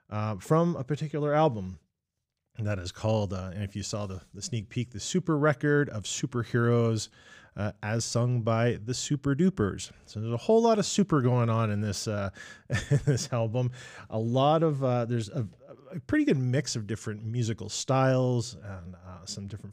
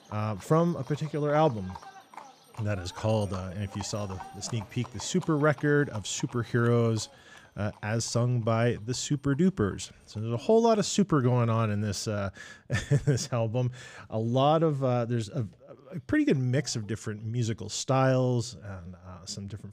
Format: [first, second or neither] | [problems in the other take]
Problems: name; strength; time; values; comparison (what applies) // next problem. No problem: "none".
first | animal sounds; faint; throughout; 20 dB below the speech